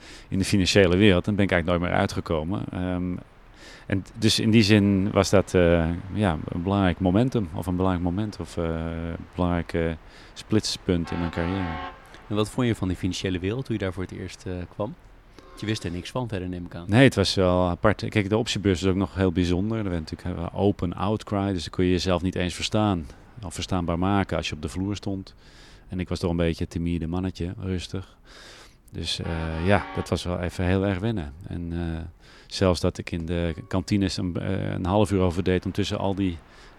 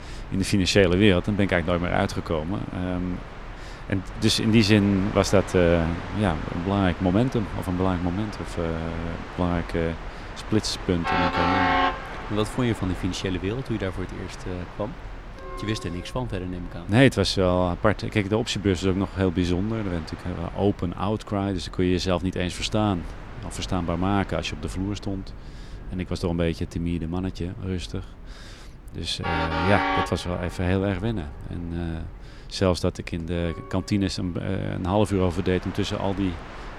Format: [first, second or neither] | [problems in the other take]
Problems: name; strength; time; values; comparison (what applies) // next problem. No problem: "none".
first | train or aircraft noise; loud; throughout; 9 dB below the speech; faint in the first